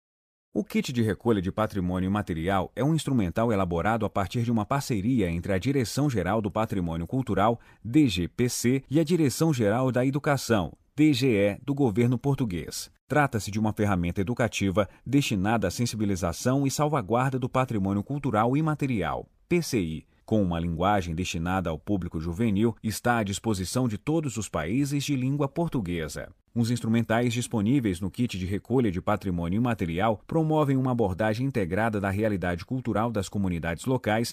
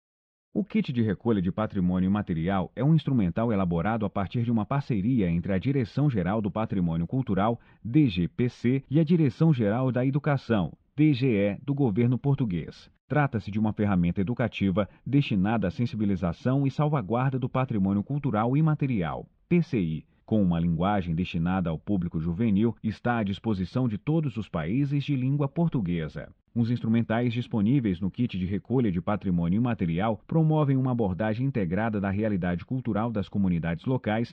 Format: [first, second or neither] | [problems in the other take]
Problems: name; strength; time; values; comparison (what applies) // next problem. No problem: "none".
first | muffled; slightly; fading above 3.5 kHz